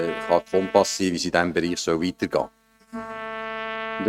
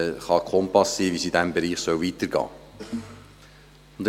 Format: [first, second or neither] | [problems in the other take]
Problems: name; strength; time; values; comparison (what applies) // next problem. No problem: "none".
second | noise reduction (neural mask model RNNoise)